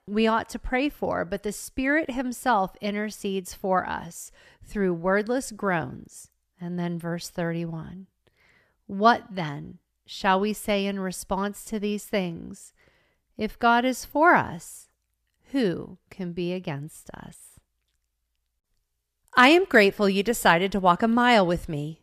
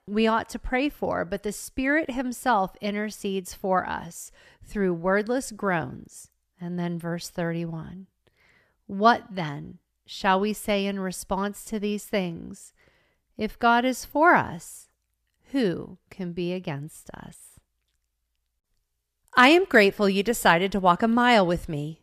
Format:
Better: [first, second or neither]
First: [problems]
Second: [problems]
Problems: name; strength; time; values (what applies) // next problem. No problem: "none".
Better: neither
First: none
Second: none